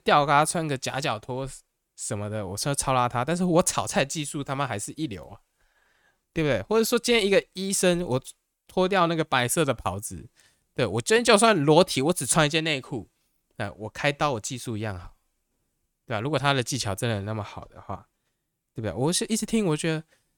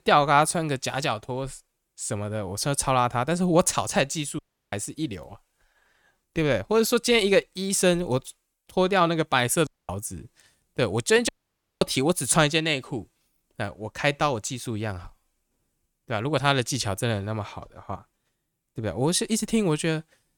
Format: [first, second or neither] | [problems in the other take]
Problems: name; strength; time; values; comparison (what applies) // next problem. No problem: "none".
first | audio cutting out; at 4.5 s, at 9.5 s and at 11 s for 0.5 s